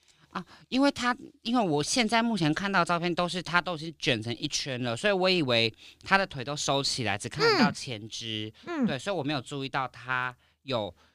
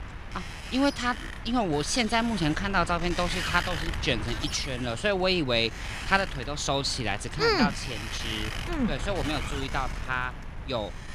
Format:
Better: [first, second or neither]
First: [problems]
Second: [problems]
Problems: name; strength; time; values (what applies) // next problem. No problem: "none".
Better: first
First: none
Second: wind noise on the microphone; heavy; 9 dB below the speech